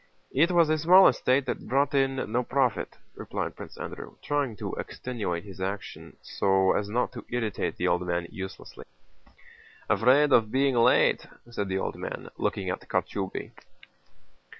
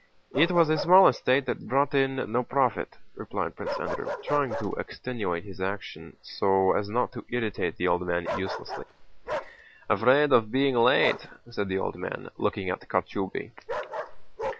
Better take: first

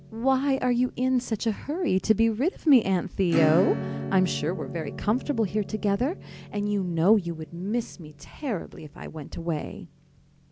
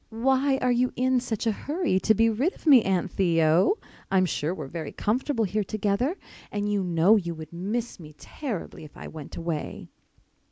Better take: second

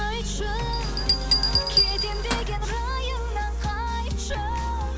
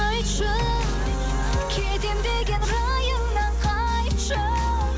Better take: second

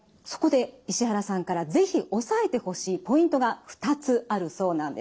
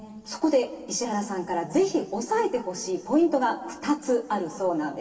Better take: first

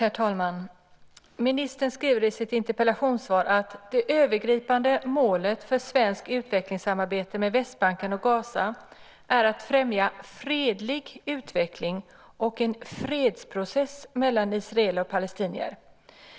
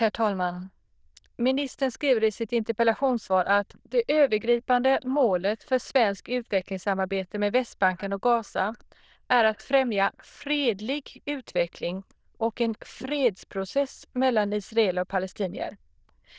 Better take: first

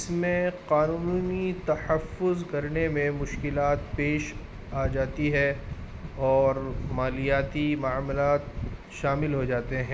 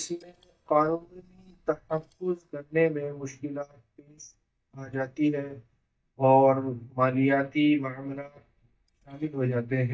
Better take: first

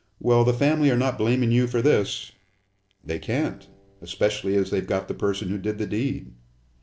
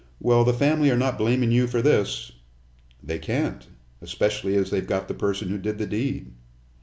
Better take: second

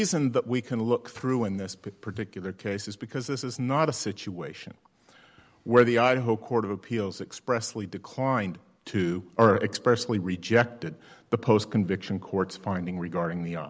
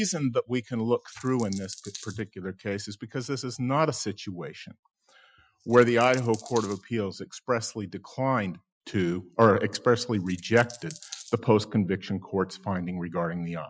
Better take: first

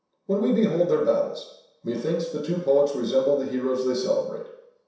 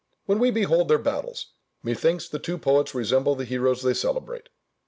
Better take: second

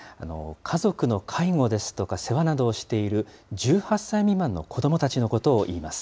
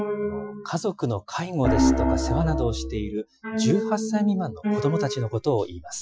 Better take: first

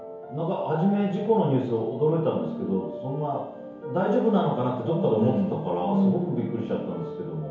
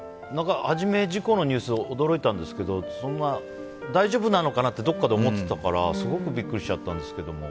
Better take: second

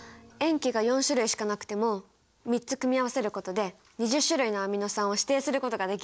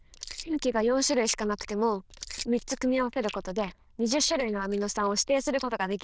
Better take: first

